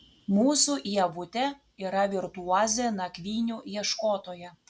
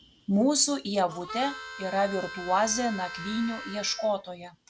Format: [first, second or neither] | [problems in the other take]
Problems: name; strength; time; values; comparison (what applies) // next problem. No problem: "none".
first | background sound (Harmonica); 12 dB below the speech